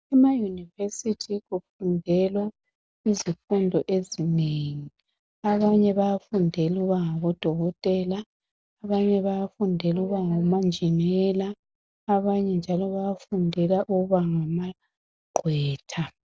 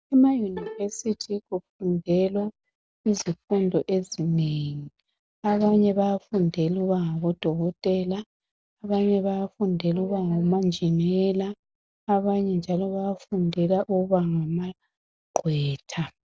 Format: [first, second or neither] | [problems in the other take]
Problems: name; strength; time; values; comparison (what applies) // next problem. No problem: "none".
first | background sound (Bowed string instrument); 15 dB below the speech